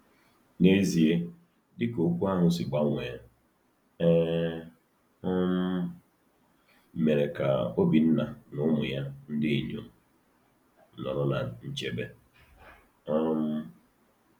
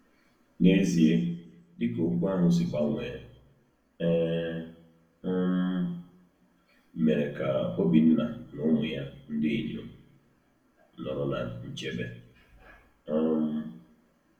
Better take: first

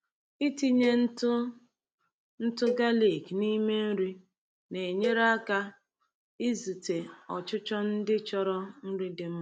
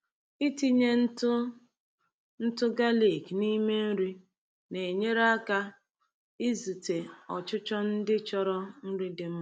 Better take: second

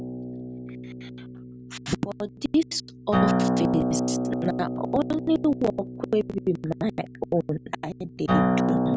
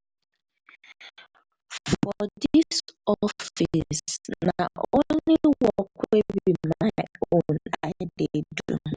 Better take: second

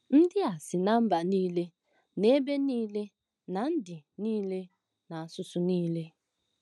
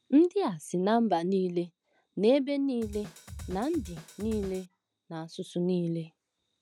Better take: first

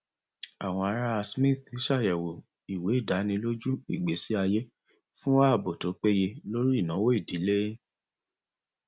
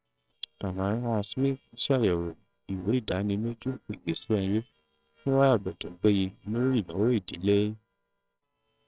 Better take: first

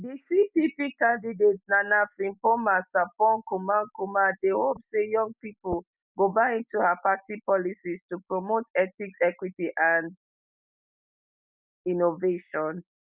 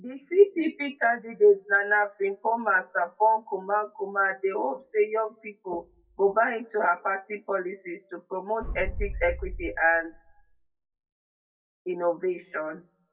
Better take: first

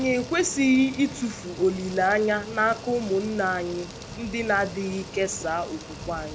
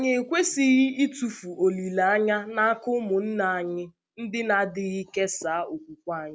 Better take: second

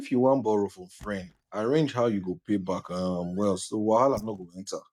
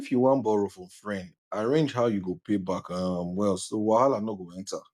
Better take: second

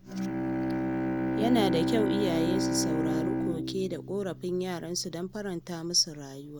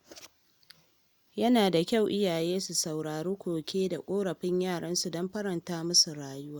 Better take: second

